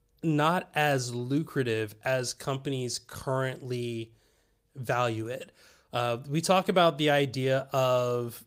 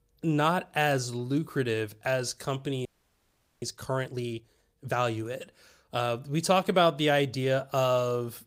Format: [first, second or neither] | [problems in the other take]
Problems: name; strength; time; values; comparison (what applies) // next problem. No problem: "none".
first | audio freezing; at 3 s for 1 s